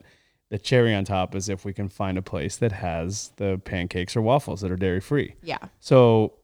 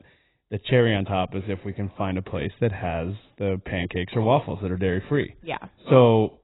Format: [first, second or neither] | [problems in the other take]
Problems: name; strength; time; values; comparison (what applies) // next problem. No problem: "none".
first | garbled, watery; badly; nothing above 4 kHz